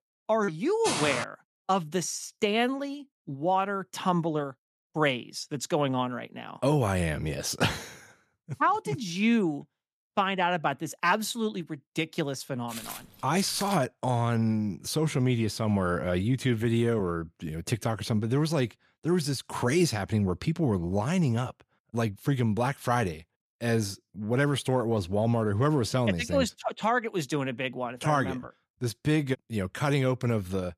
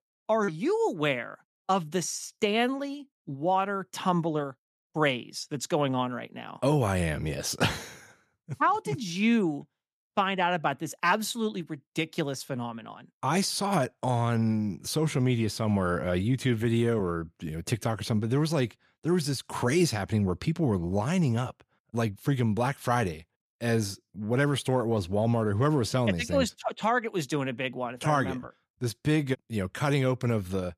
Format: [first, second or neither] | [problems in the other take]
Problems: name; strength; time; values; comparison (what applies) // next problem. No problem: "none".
second | footsteps; noticeable; at 1 s and from 13 to 14 s; peak 1 dB below the speech